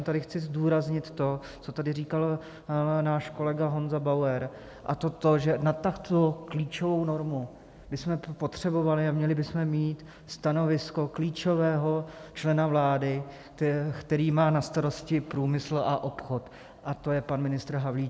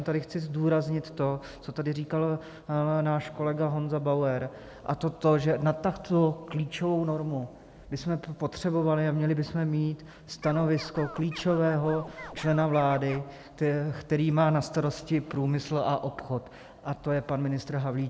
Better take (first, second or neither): first